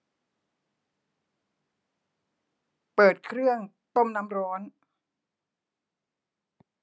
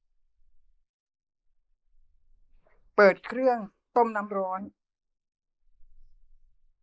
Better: first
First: none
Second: noise reduction (neural mask model Resemble Enhance denoiser)

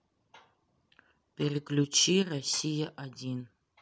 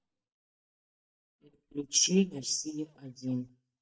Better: first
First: none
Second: noise reduction (neural mask model DeepFilterNet 3)

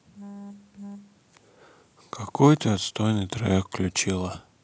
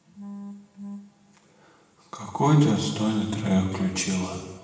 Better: first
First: none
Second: room echo; dies away in 1.3 s

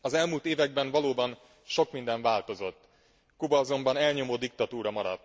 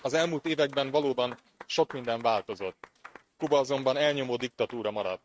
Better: first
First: none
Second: noise reduction (neural mask model RNNoise)

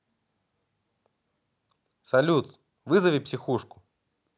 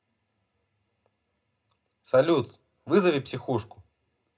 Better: first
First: none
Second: room echo; dies away in 0.2 s

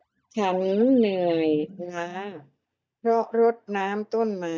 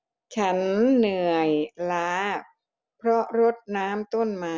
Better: second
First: noise reduction (neural mask model DeepFilterNet 3)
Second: none

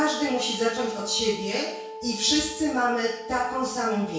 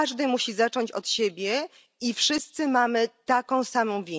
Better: second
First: background sound (Wind instrument, woodwind instrument); 12 dB below the speech // room echo; dies away in 0.6 s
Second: none

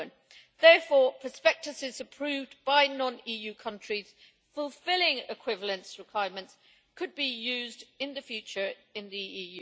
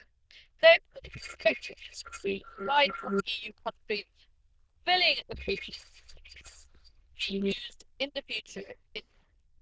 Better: first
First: none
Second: noise reduction (neural diffusion model UNIVERSE++)

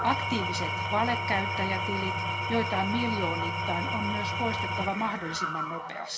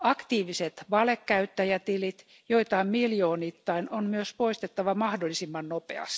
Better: second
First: background sound (Engine / Tools); 1 dB above the speech // room echo; dies away in 1.4 s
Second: none

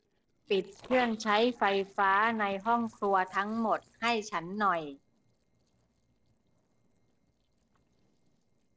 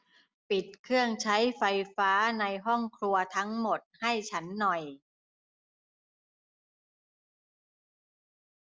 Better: second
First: noise reduction (neural separator model SepFormer DNS4)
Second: none

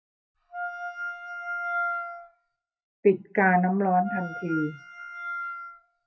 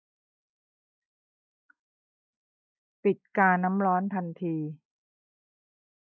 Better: second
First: noise reduction (classical method WPE with log-MMSE)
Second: none

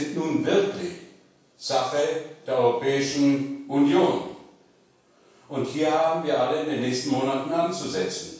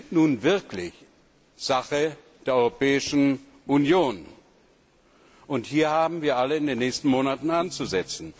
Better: second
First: room echo; dies away in 0.7 s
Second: none

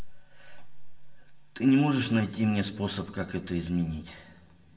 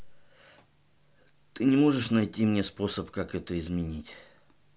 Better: second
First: room echo; dies away in 2.1 s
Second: none

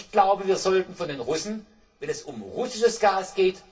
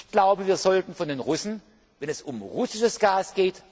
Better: second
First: room echo; dies away in 0.2 s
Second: none

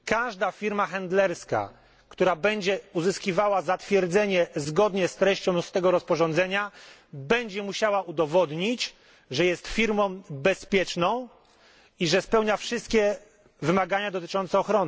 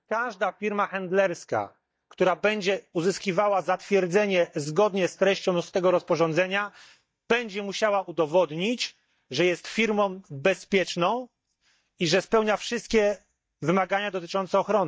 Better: first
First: none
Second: noise reduction (neural mask model DeepFilterNet 3)

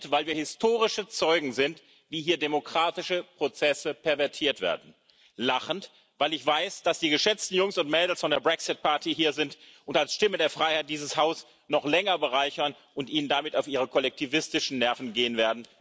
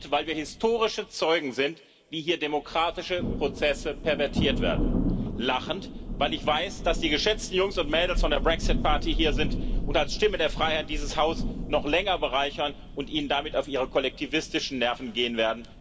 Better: first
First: none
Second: background sound (Thunder); 4 dB below the speech // room echo; dies away in 1.1 s

